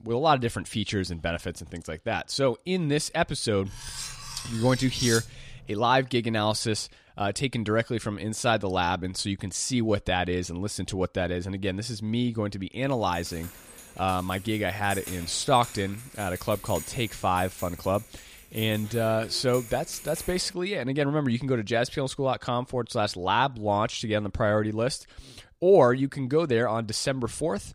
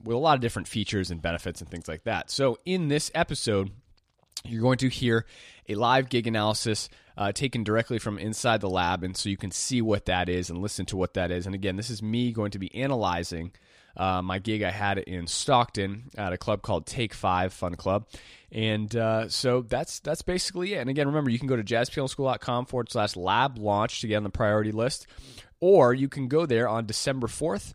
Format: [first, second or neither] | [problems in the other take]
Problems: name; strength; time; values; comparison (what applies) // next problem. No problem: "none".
second | clattering dishes; noticeable; from 3.5 to 5.5 s; peak 1 dB below the speech // jangling keys; noticeable; from 13 to 21 s; peak 10 dB below the speech